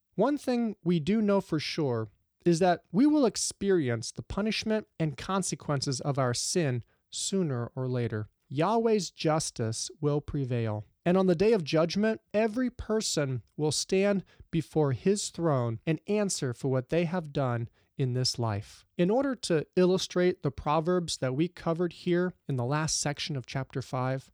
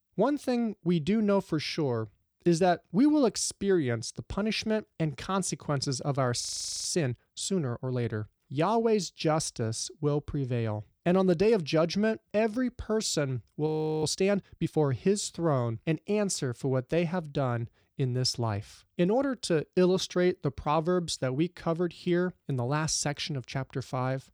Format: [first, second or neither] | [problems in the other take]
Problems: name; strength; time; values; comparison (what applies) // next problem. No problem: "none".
first | audio freezing; at 6.5 s and at 14 s